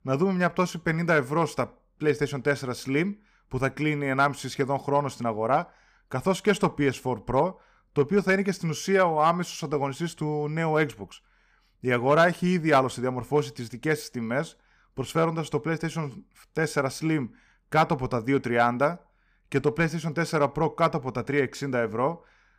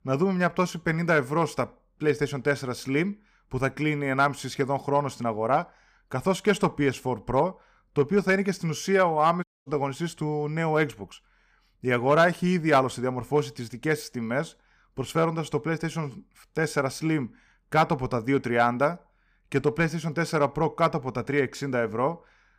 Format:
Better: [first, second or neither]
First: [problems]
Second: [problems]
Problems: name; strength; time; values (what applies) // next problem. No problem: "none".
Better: first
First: none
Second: audio cutting out; at 9.5 s